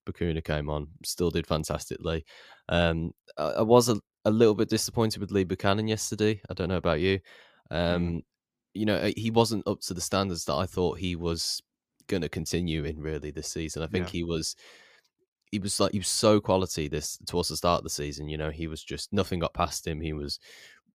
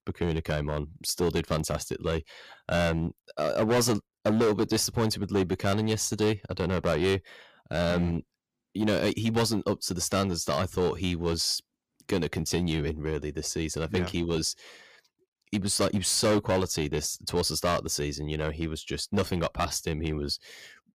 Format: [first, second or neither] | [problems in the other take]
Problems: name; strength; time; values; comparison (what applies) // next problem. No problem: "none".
first | distortion; heavy; 7% of the sound clipped